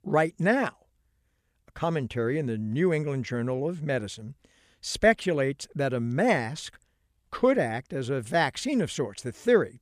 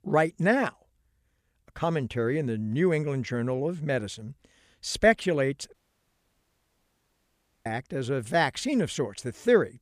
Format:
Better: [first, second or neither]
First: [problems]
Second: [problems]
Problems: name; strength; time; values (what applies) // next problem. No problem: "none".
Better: first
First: none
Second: audio cutting out; at 5.5 s for 2 s